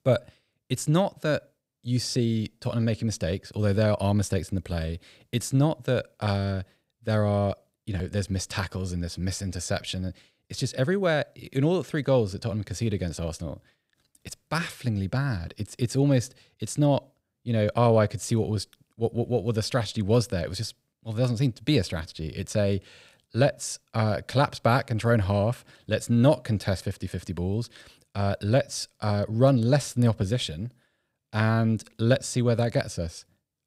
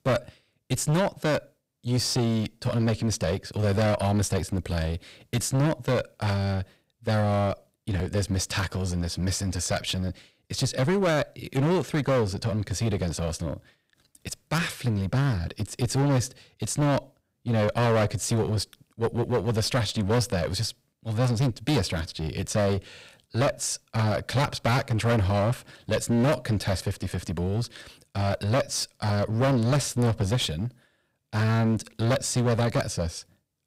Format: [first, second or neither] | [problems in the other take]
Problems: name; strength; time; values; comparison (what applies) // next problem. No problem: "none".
first | distortion; heavy; 15% of the sound clipped